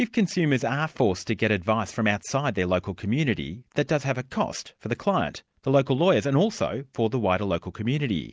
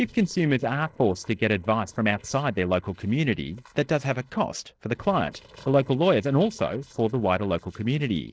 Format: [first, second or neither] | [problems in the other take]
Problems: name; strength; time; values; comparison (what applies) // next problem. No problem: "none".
first | noise reduction (neural separator model SepFormer DNS4)